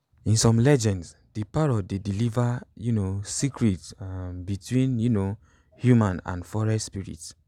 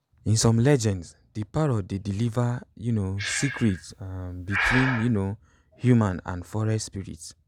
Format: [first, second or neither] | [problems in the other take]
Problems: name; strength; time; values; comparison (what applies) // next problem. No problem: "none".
first | background sound (Breathing); 10 dB below the speech